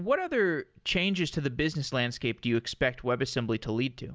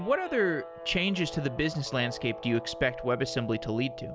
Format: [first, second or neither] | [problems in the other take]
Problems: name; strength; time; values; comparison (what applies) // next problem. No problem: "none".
first | background sound (Guitar); 11 dB below the speech